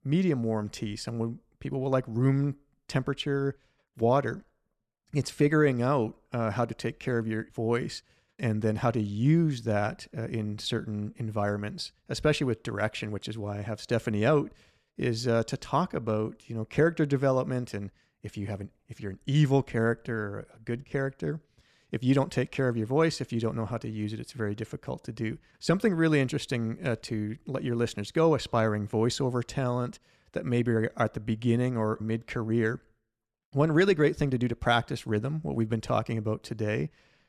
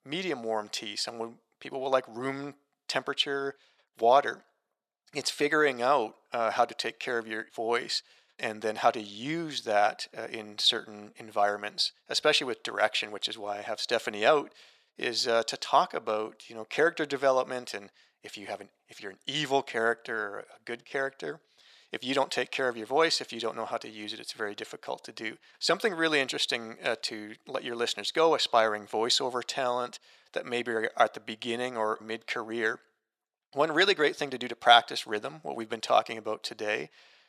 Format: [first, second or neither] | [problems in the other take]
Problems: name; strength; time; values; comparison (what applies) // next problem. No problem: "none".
first | thin; very; fading below 550 Hz